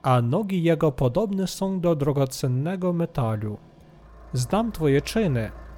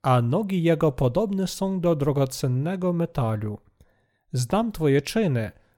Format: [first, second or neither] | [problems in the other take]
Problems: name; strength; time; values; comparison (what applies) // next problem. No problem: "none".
second | traffic noise; faint; throughout; 25 dB below the speech